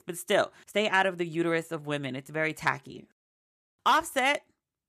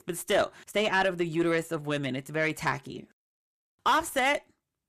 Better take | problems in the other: first | distortion; slight; 10 dB below the speech

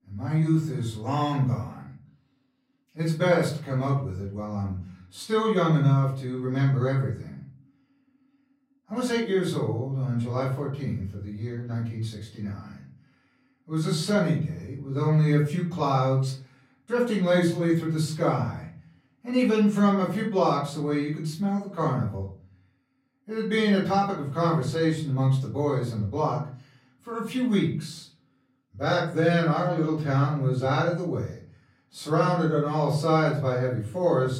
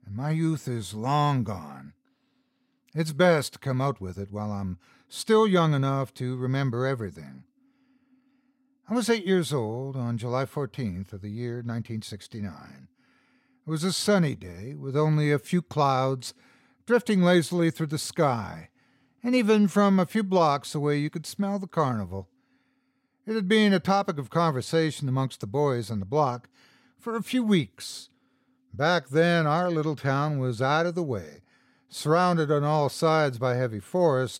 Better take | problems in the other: second | off-mic speech; far // room echo; slight; dies away in 0.5 s

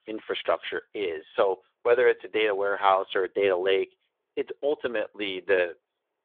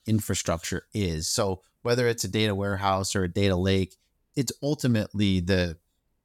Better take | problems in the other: second | phone-call audio; nothing above 3.5 kHz

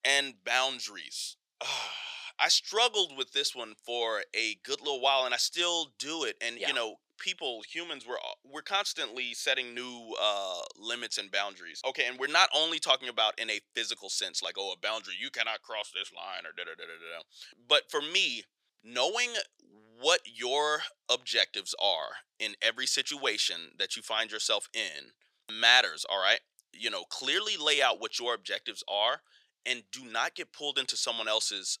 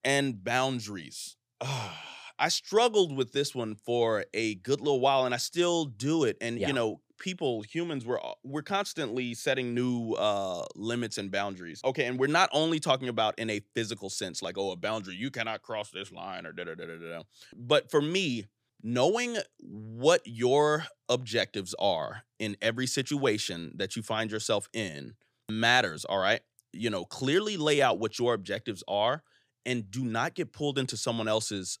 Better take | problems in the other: second | thin; very; fading below 600 Hz

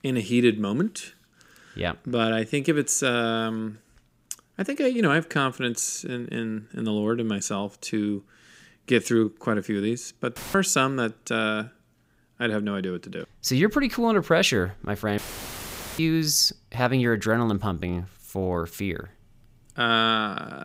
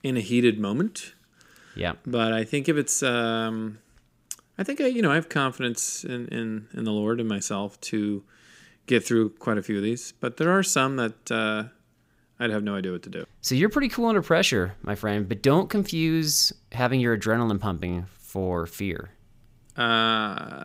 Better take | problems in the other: second | audio cutting out; filled with static; at 10 s and at 15 s for 1 s

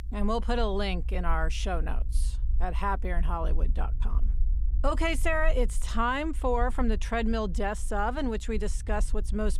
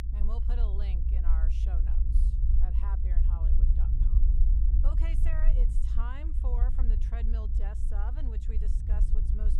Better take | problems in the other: first | low rumble; loud; throughout; 2 dB below the speech; faint in the first

